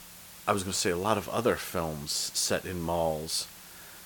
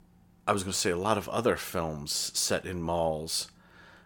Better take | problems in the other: second | hiss; noticeable; throughout; 15 dB below the speech

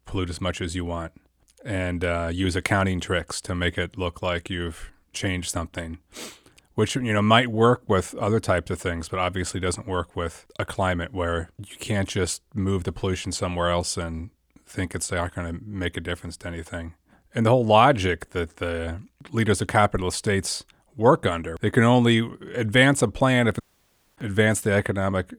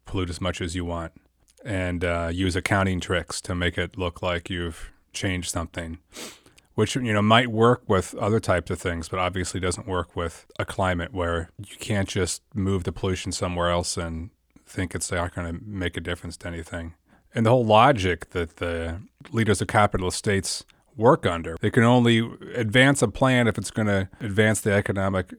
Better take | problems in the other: second | audio cutting out; at 24 s for 0.5 s

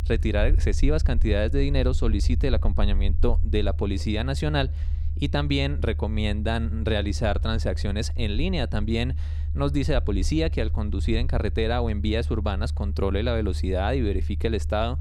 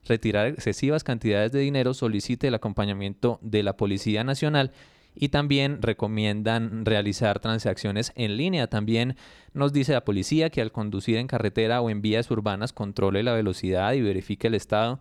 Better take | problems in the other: second | low rumble; noticeable; throughout; 15 dB below the speech

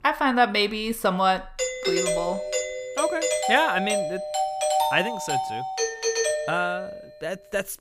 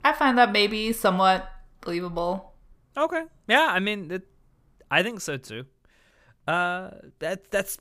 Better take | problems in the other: second | doorbell; loud; from 1.5 to 7 s; peak 2 dB above the speech

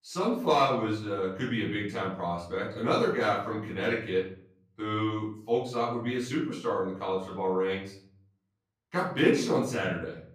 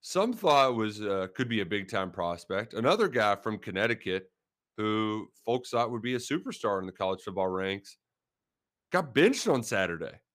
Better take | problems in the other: second | off-mic speech; far // room echo; noticeable; dies away in 0.6 s

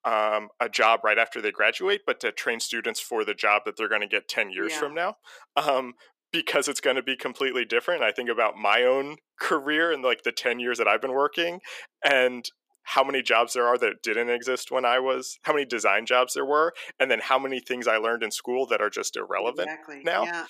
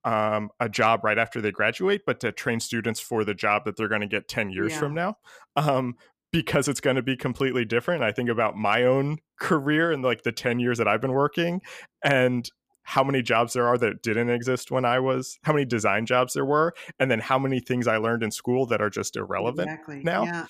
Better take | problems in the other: second | thin; somewhat; fading below 350 Hz

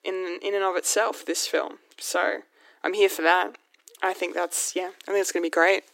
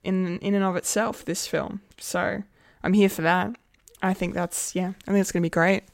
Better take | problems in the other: second | thin; very; fading below 300 Hz

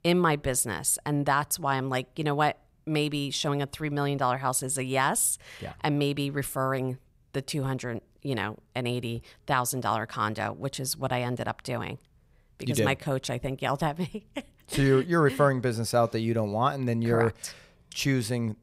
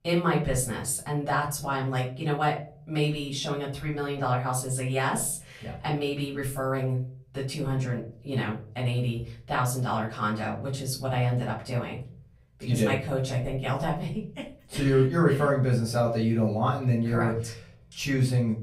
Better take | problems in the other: first | off-mic speech; far // room echo; slight; dies away in 0.4 s

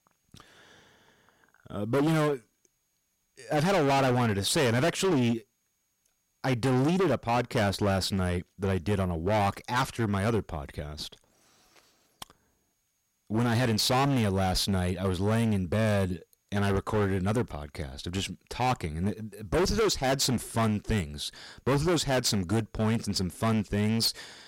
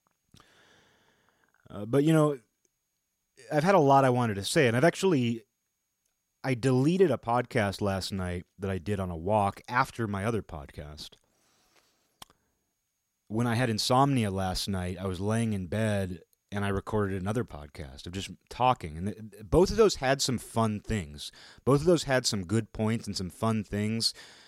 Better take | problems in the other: second | distortion; heavy; 15% of the sound clipped

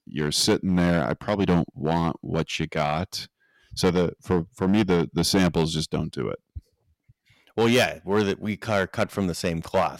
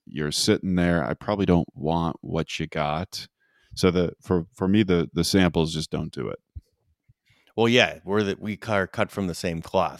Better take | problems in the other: second | distortion; slight; 4% of the sound clipped

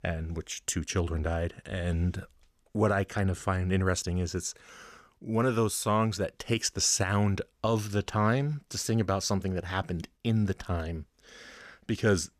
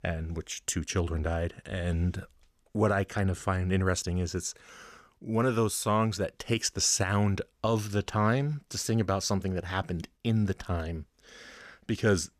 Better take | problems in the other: neither | none

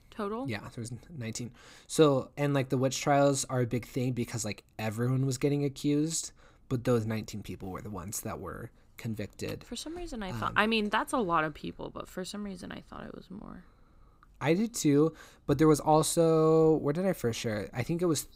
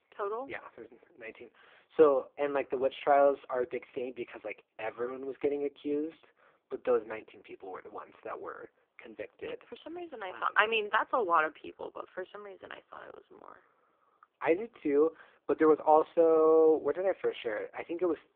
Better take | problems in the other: first | phone-call audio; poor line

